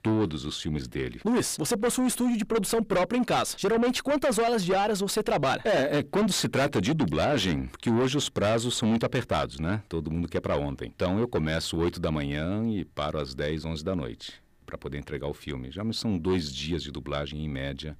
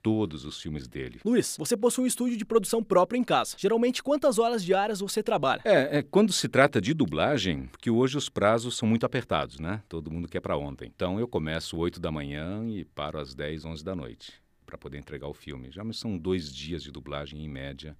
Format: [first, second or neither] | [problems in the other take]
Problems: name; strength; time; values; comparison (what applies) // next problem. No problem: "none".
second | distortion; heavy; 6 dB below the speech